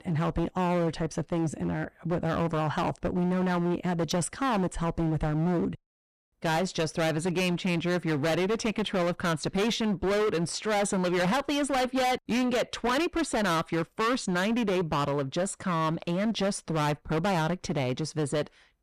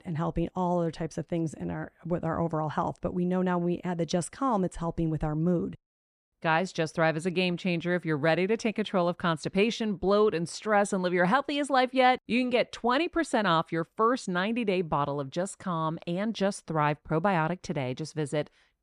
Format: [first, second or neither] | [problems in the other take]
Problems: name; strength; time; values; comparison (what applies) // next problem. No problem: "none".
second | distortion; heavy; 24% of the sound clipped